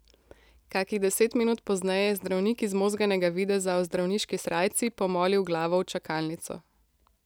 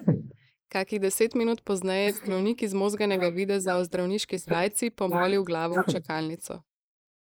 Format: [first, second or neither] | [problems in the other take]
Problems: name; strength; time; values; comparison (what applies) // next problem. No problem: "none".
first | noise reduction (neural mask model Resemble Enhance denoiser)